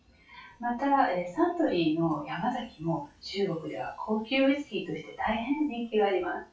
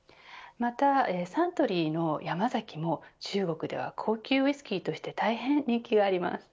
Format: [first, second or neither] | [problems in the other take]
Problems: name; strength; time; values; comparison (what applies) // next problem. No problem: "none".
second | noise reduction (classical method WPE with log-MMSE)